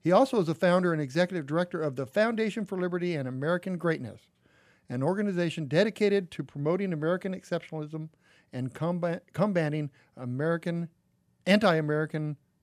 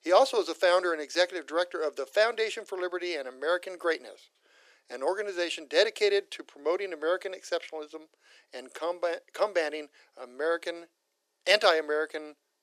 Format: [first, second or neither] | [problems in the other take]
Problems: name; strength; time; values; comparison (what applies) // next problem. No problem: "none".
first | thin; very; fading below 350 Hz